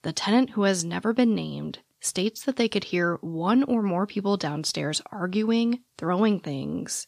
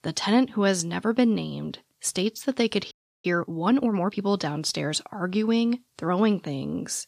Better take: first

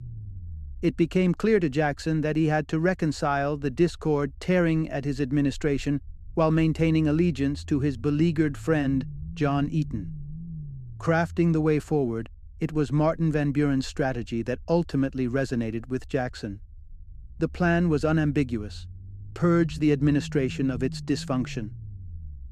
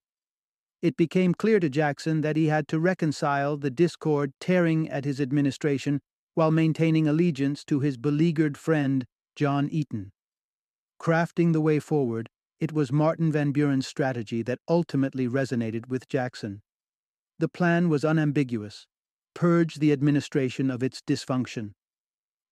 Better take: second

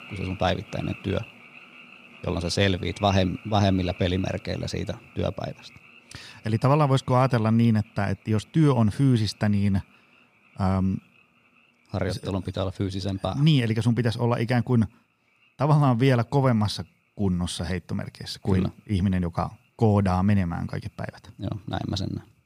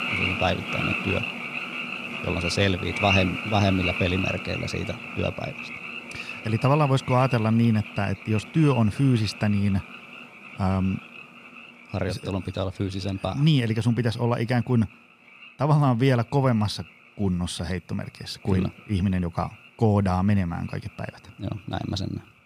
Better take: first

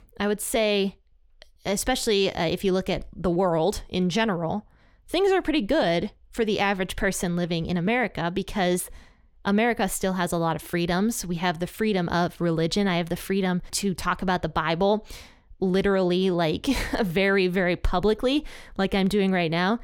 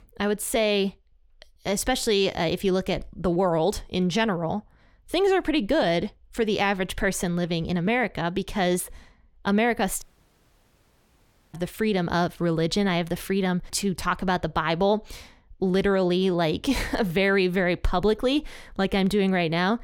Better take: first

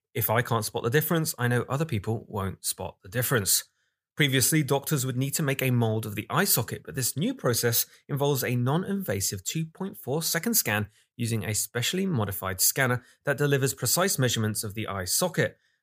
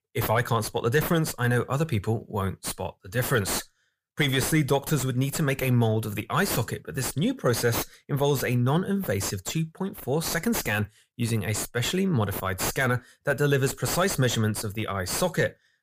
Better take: first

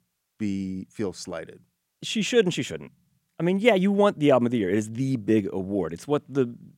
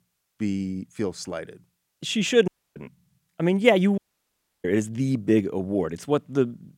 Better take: first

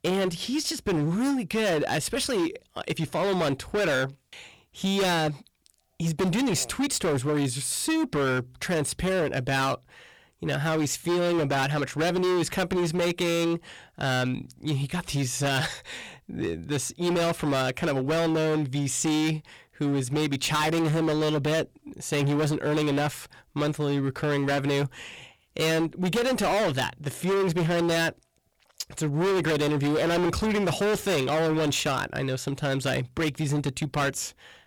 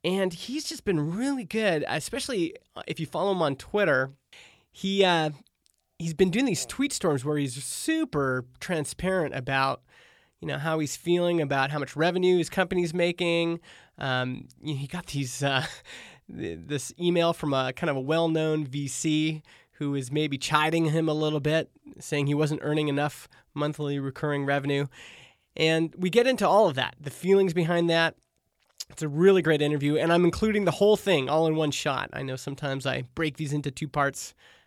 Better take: second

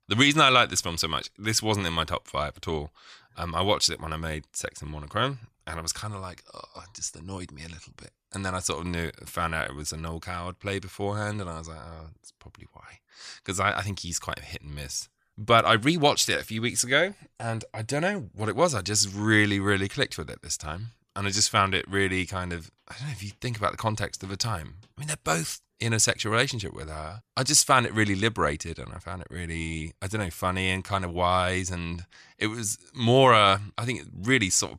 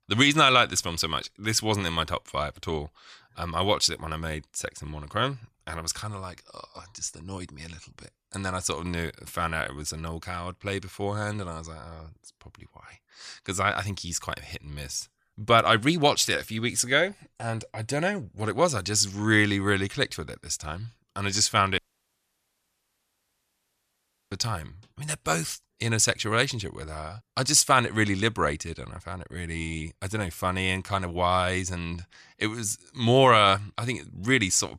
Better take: first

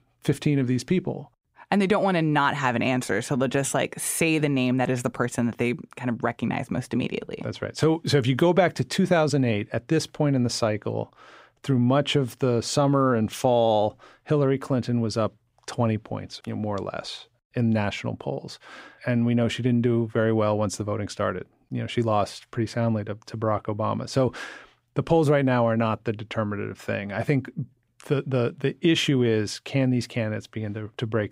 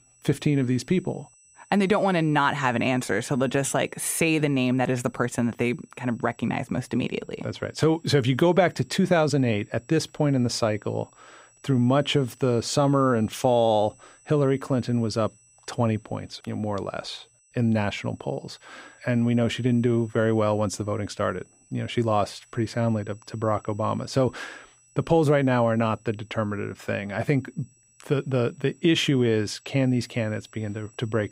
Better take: first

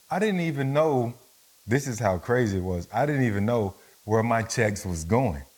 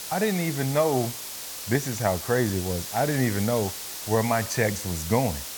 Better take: first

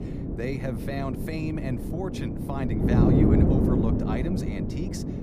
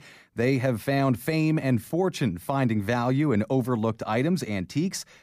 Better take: second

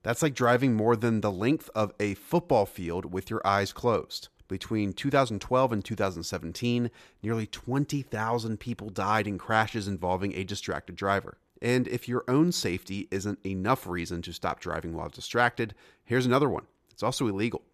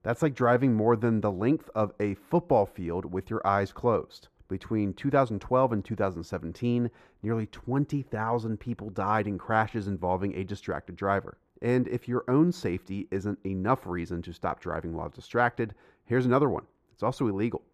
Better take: first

